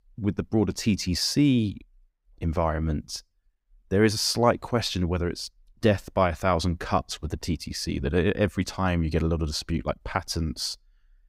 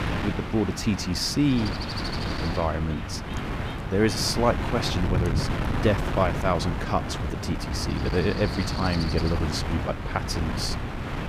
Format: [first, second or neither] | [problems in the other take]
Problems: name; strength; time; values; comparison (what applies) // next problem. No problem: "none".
first | wind noise on the microphone; heavy; 4 dB below the speech